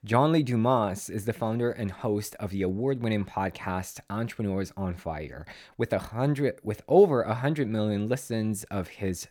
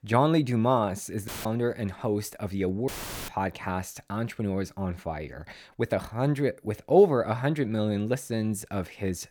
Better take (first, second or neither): first